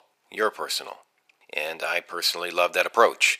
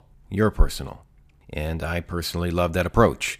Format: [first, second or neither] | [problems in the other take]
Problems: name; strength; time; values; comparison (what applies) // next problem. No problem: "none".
second | thin; very; fading below 500 Hz